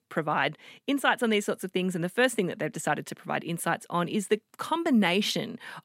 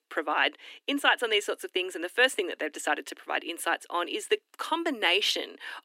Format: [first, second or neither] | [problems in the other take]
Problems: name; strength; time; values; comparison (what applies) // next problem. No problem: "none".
first | thin; somewhat; fading below 300 Hz